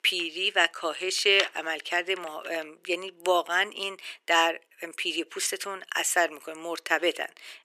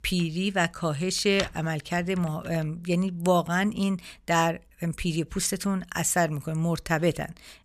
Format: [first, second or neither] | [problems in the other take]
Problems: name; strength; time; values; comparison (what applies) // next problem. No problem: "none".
second | thin; very; fading below 350 Hz